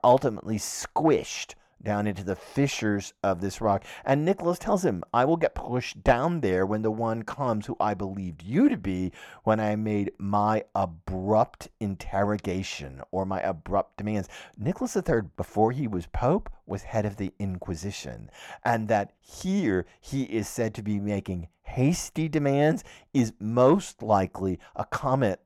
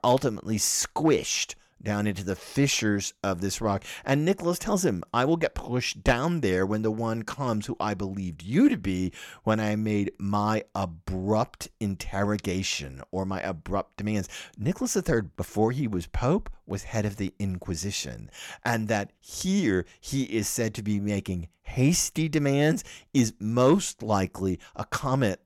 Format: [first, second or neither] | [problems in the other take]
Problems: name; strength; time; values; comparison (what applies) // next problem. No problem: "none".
second | muffled; slightly; fading above 2.5 kHz